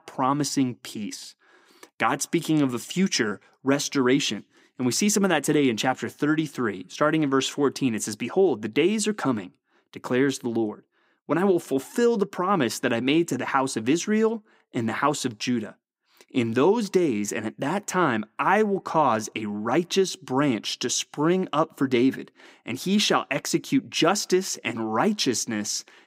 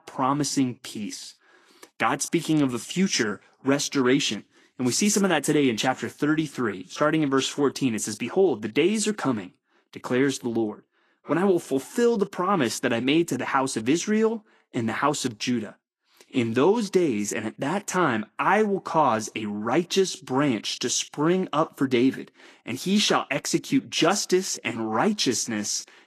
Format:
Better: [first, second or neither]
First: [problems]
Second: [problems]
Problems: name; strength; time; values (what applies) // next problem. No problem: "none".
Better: first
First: none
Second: garbled, watery; slightly; nothing above 12.5 kHz